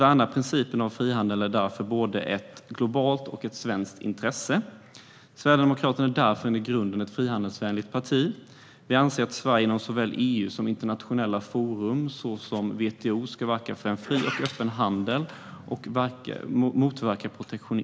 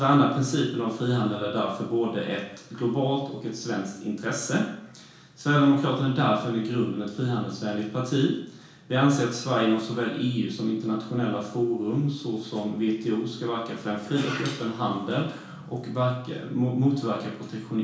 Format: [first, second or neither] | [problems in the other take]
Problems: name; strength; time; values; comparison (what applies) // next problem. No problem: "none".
first | room echo; dies away in 0.6 s